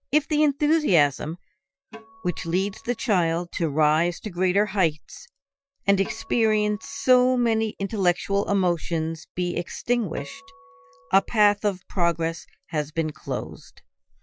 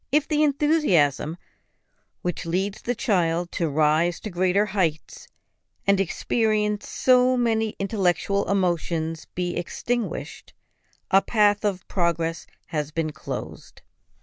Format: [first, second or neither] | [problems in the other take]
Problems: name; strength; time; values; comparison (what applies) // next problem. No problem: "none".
second | noise reduction (classical method Wiener filter)